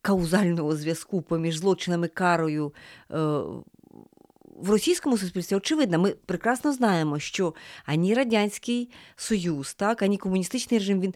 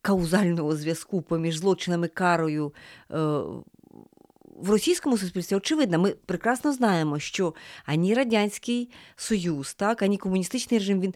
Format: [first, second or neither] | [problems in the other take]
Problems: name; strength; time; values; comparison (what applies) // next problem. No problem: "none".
neither | none